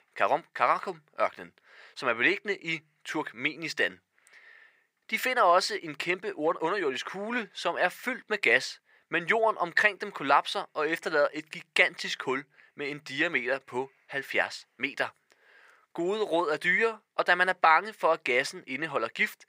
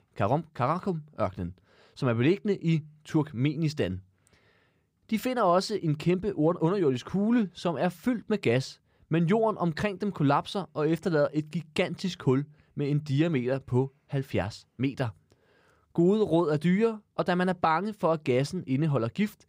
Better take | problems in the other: second | thin; very; fading below 600 Hz

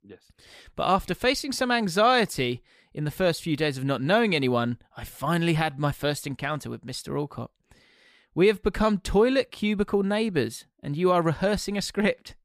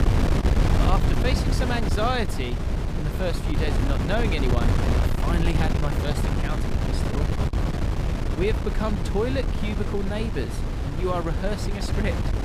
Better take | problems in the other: first | wind noise on the microphone; heavy; 2 dB below the speech

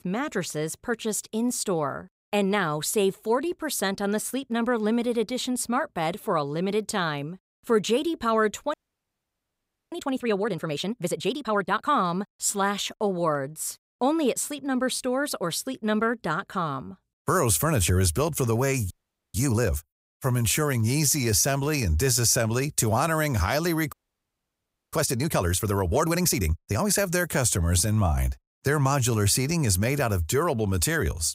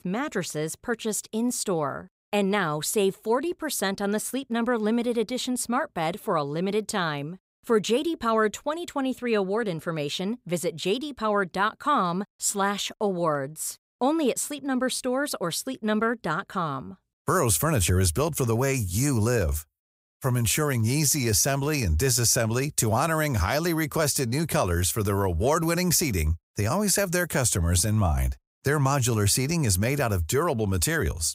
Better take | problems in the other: second | audio freezing; at 8.5 s for 1 s, at 19 s and at 24 s for 1 s

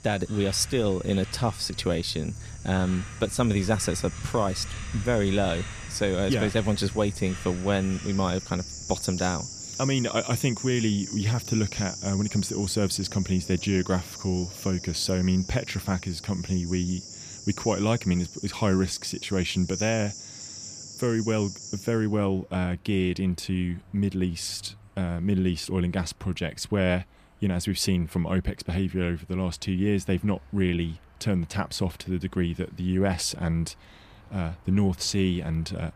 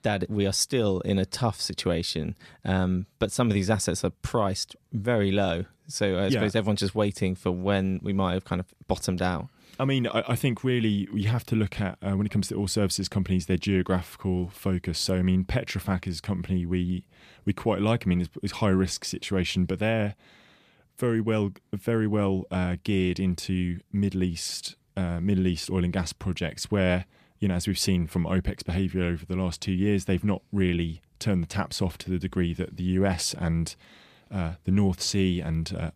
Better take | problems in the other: second | animal sounds; noticeable; throughout; 10 dB below the speech

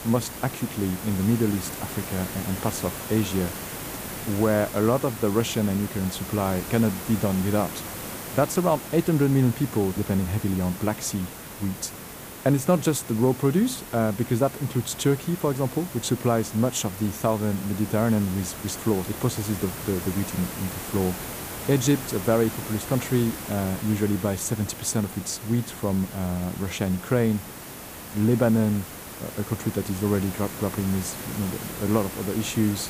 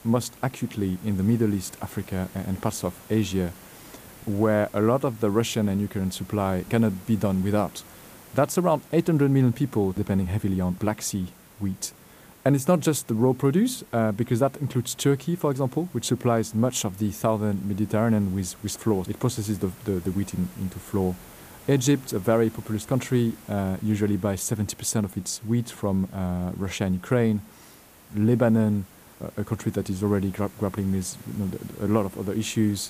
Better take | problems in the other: second | hiss; loud; throughout; 10 dB below the speech; faint in the second

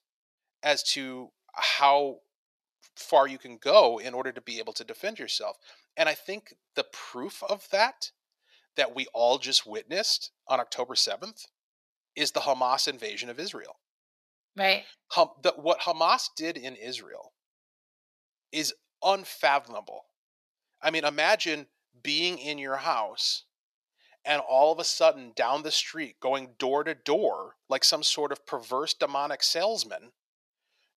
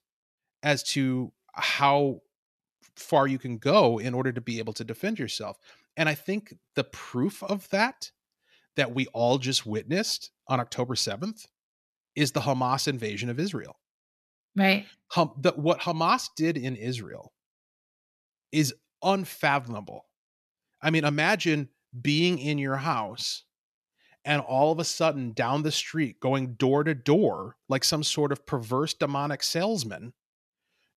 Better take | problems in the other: second | thin; very; fading below 500 Hz

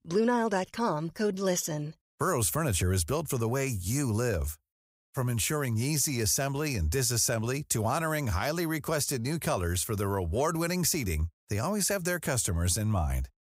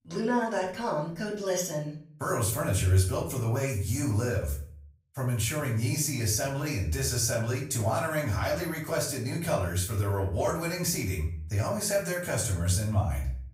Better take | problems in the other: first | off-mic speech; far // room echo; slight; dies away in 0.4 s

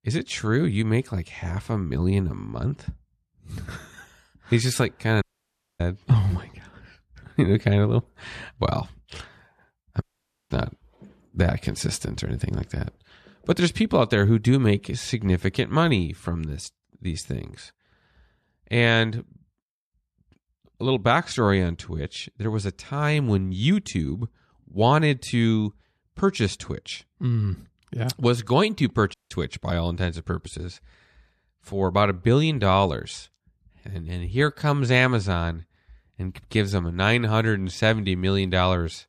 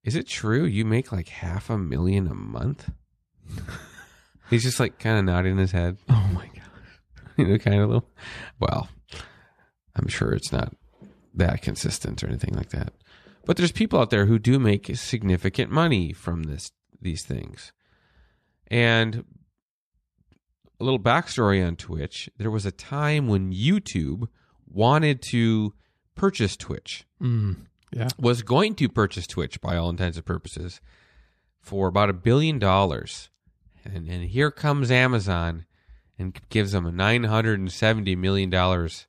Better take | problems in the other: second | audio cutting out; at 5 s for 0.5 s, at 10 s and at 29 s

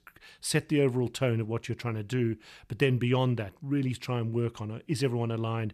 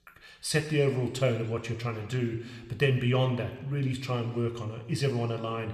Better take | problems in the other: first | room echo; slight; dies away in 1.2 s

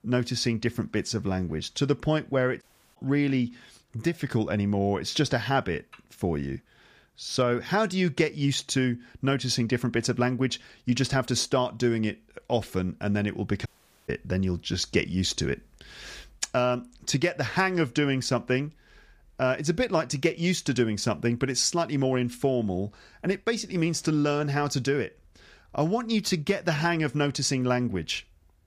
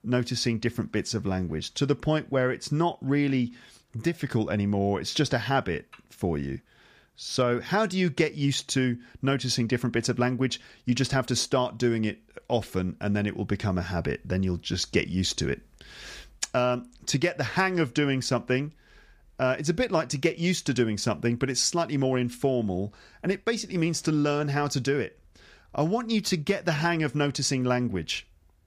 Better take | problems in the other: second | audio cutting out; at 2.5 s and at 14 s

